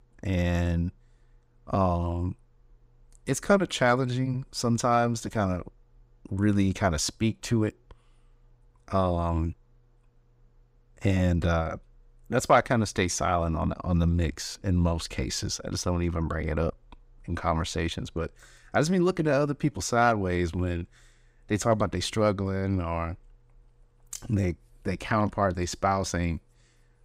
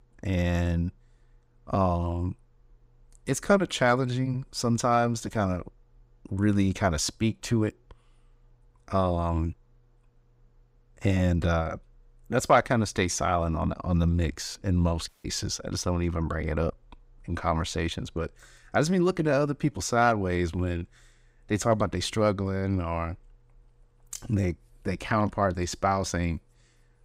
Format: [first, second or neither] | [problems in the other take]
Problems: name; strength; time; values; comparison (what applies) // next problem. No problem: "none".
first | audio cutting out; at 15 s